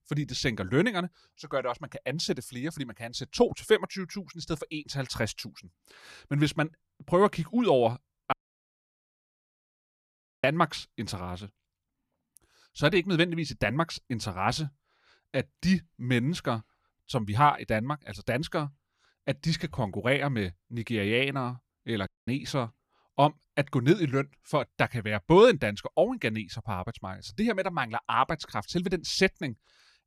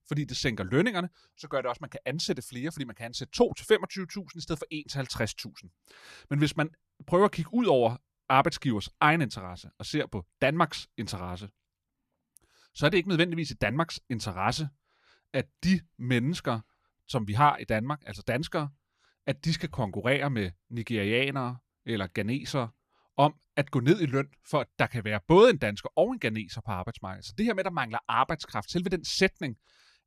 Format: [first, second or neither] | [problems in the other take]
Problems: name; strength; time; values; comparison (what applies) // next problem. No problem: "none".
second | audio cutting out; at 8.5 s for 2 s and at 22 s